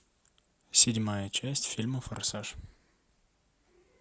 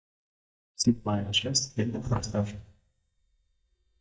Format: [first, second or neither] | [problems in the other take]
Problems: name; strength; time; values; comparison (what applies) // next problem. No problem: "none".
first | noise reduction (neural mask model DeepFilterNet 3)